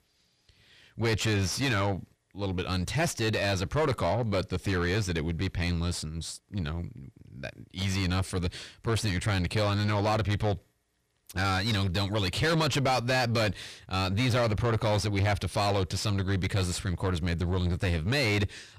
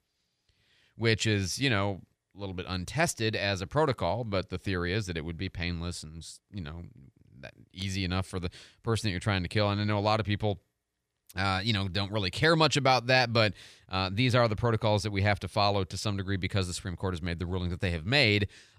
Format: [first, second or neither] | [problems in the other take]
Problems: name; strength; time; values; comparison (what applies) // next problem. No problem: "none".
second | distortion; heavy; 6 dB below the speech